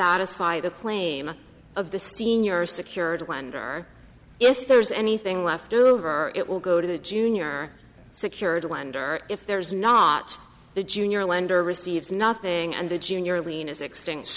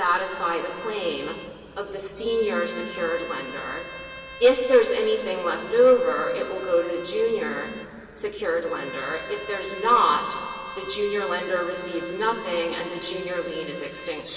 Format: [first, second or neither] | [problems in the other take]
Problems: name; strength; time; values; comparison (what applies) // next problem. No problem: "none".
first | background sound (Bowed string instrument); 15 dB below the speech // room echo; dies away in 2.6 s